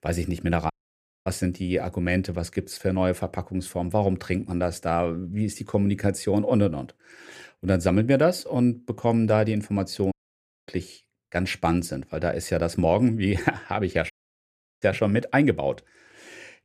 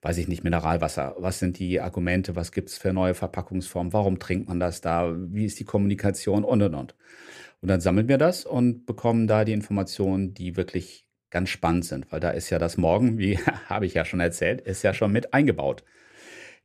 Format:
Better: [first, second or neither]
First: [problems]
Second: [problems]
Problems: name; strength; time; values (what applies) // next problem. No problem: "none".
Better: second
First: audio cutting out; at 0.5 s for 0.5 s, at 10 s for 0.5 s and at 14 s for 0.5 s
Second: none